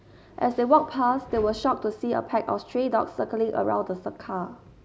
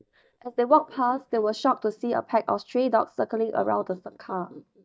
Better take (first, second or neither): first